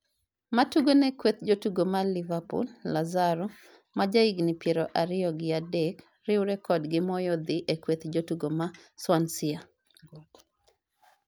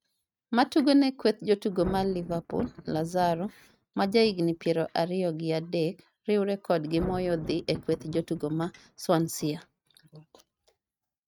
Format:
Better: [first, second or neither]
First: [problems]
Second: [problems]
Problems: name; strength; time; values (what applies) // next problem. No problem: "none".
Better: first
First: none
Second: noise reduction (neural mask model RNNoise)